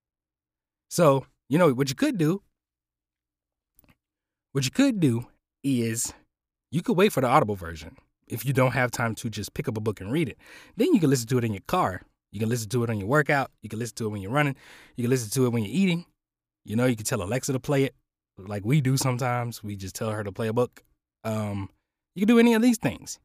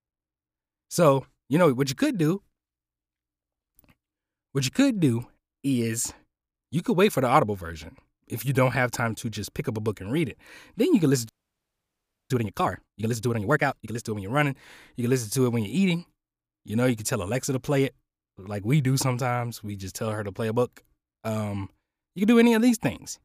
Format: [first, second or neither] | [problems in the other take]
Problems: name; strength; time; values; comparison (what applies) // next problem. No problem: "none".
first | audio freezing; at 11 s for 1 s